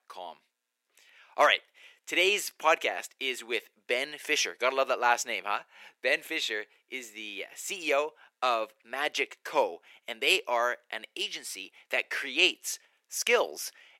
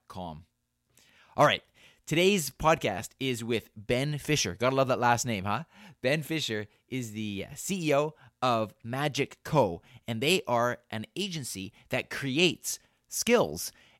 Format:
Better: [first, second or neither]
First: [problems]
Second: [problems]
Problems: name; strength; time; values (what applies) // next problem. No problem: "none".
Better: second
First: thin; very; fading below 350 Hz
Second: none